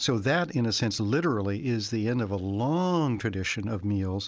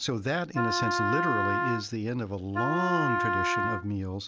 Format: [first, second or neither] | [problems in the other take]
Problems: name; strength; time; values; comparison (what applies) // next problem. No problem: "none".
first | background sound (Wind instrument, woodwind instrument); 1 dB above the speech